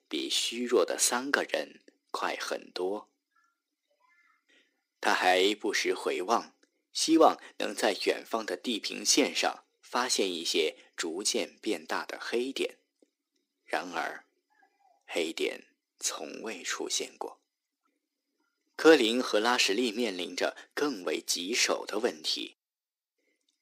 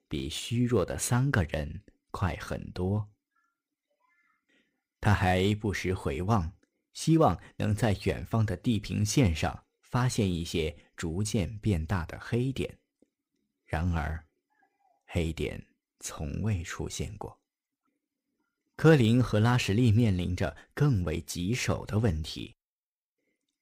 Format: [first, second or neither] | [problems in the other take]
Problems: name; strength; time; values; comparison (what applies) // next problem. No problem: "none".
second | thin; very; fading below 300 Hz